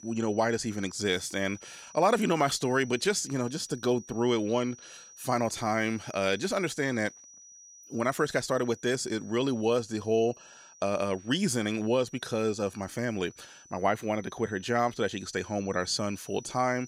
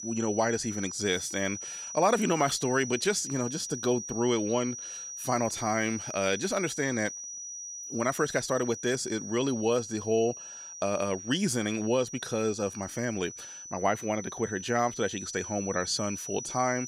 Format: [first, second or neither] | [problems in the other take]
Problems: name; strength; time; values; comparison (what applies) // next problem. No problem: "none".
first | high-pitched whine; loud; throughout; 6 kHz, 8 dB below the speech; faint in the first